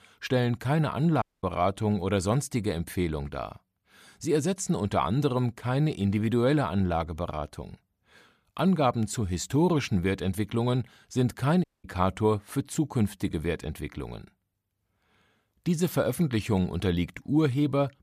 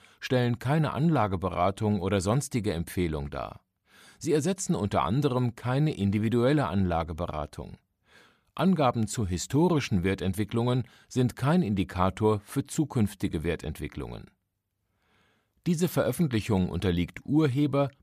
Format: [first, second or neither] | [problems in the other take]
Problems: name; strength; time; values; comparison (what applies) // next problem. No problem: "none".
second | audio cutting out; at 1 s and at 12 s